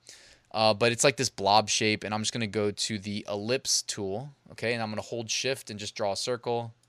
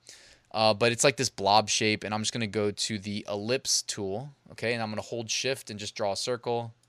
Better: neither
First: none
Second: none

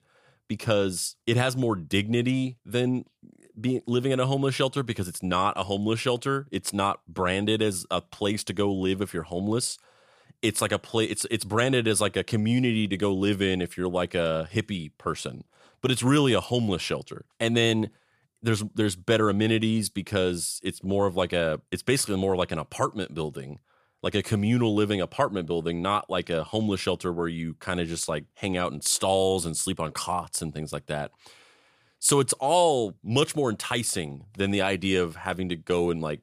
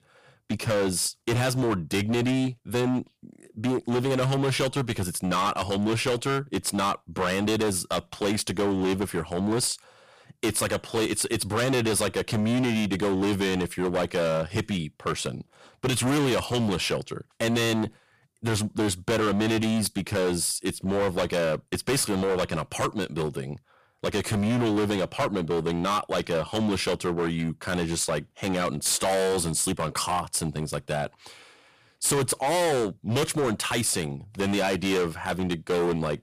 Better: first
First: none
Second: distortion; heavy; 19% of the sound clipped

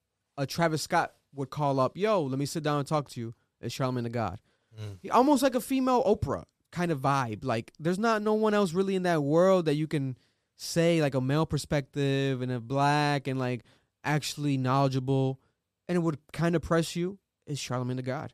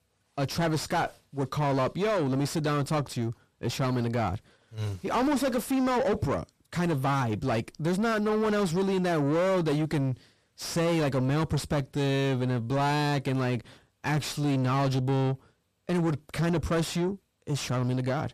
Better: first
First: none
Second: distortion; heavy; 7 dB below the speech

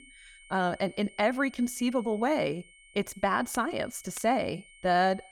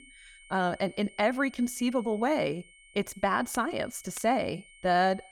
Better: neither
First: high-pitched whine; faint; throughout; 2 kHz, 25 dB below the speech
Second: high-pitched whine; faint; throughout; 2 kHz, 25 dB below the speech

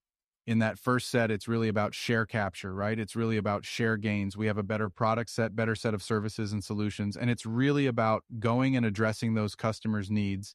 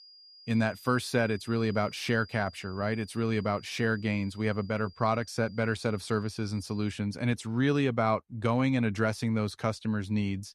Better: first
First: none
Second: high-pitched whine; faint; until 7 s; 5 kHz, 20 dB below the speech

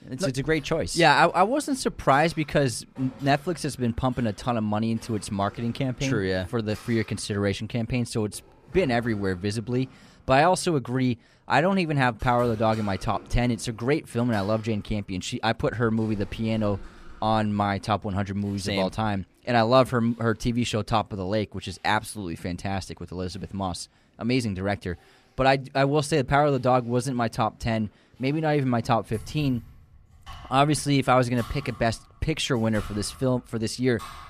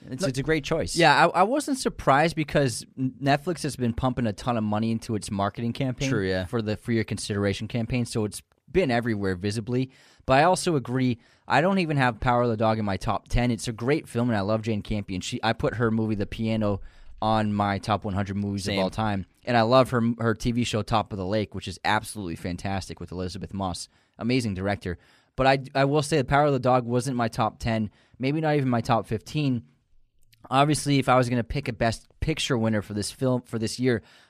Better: second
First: household noises; faint; throughout; 25 dB below the speech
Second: none

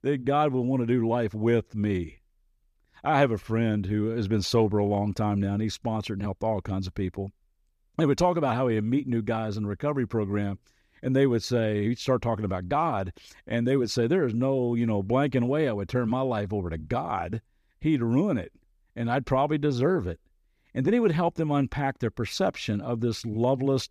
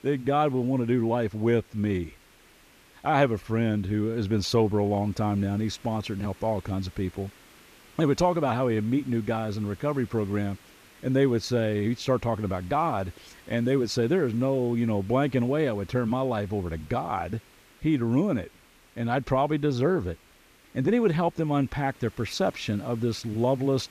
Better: first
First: none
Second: hiss; faint; throughout; 25 dB below the speech

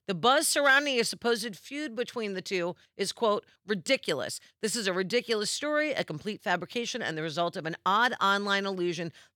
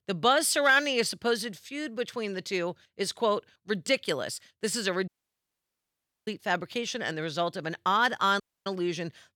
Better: first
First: none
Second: audio cutting out; at 5 s for 1 s and at 8.5 s

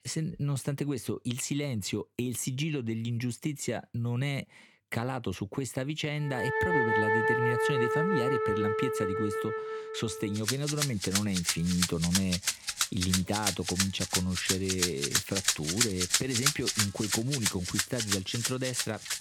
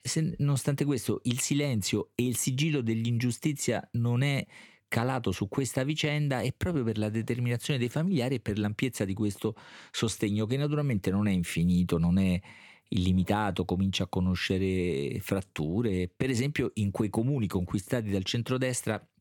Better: second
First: background music; very loud; from 6.5 s on; 3 dB above the speech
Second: none

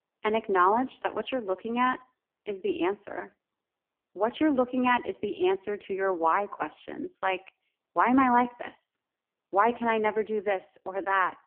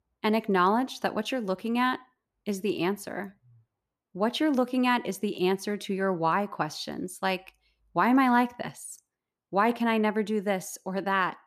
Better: second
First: phone-call audio; poor line; nothing above 3 kHz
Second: none

